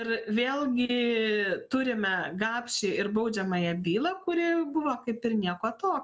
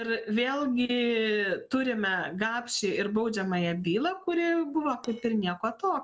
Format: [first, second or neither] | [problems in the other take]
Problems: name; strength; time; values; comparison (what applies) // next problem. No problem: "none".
first | noise reduction (neural separator model SepFormer DNS4)